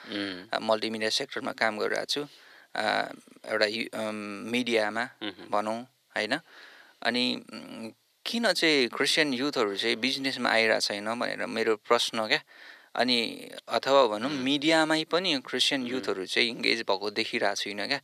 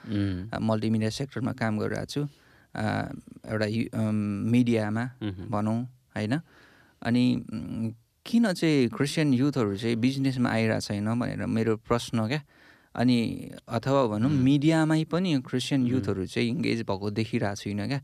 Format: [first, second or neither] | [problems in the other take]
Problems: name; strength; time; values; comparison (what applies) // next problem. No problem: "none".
second | thin; somewhat; fading below 550 Hz